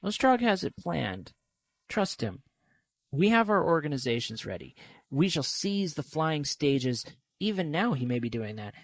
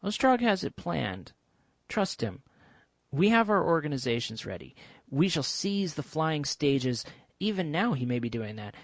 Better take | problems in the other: second | noise reduction (neural mask model Resemble Enhance denoiser)

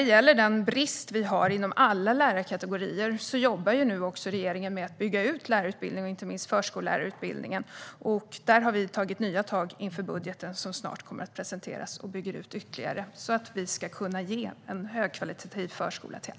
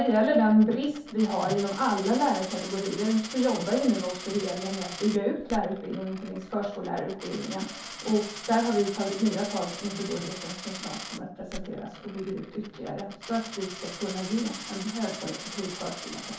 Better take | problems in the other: first | background sound (Coin (dropping)); 13 dB below the speech // room echo; dies away in 0.5 s

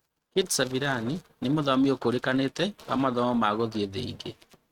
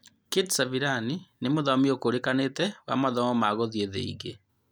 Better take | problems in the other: second | noise reduction (neural mask model RNNoise)

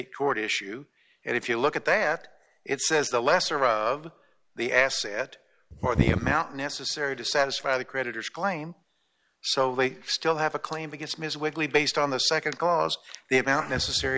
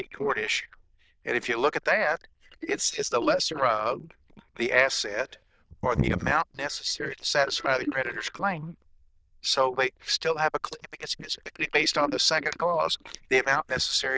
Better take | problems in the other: first | noise reduction (neural diffusion model UNIVERSE++)

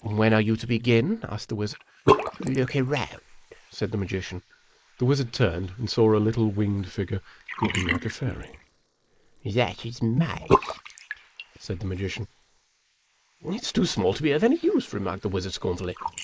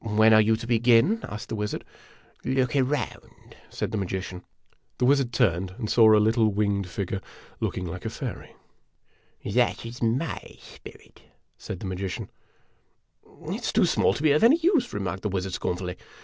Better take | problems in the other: second | noise reduction (neural mask model Resemble Enhance denoiser)

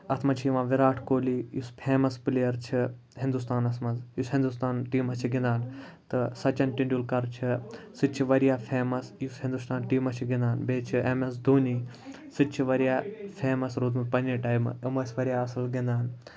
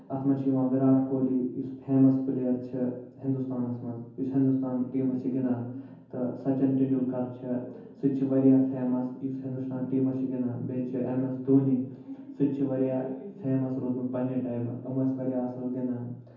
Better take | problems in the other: first | room echo; dies away in 0.9 s

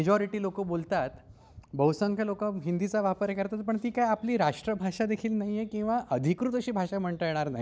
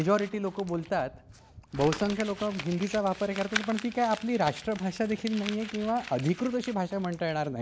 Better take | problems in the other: first | background sound (Crumpling, crinkling); 13 dB below the speech

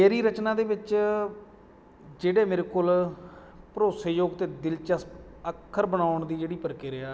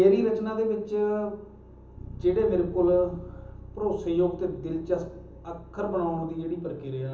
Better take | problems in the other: first | background sound (Bass guitar); 17 dB below the speech // room echo; dies away in 0.7 s

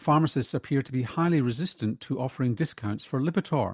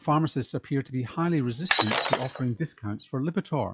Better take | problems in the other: first | noise reduction (classical method log-MMSE)

